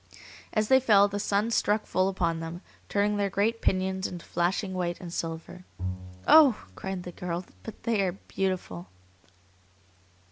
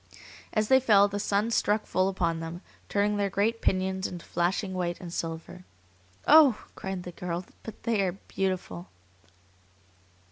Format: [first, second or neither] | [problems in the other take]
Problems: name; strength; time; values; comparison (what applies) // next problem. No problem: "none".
second | background sound (Bowed string instrument); 13 dB below the speech